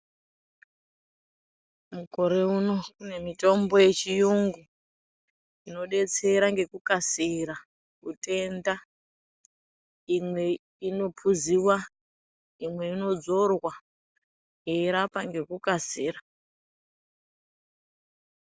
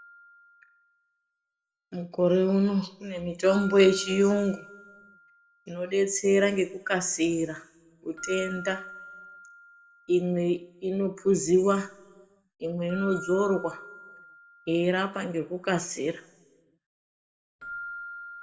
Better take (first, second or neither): first